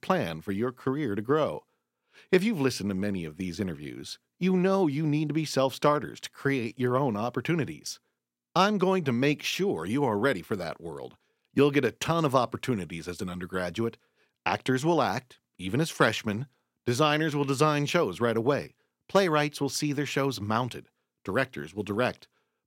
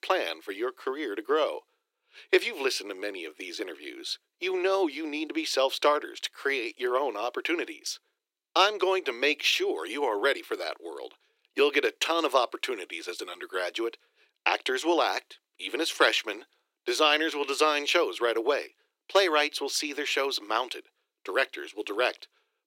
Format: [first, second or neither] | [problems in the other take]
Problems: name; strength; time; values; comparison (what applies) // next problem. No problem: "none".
first | thin; very; fading below 350 Hz